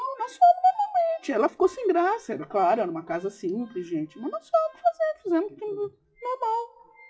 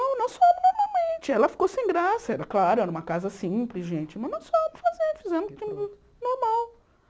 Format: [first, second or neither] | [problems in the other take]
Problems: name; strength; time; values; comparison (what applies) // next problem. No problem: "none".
second | noise reduction (classical method WPE with log-MMSE)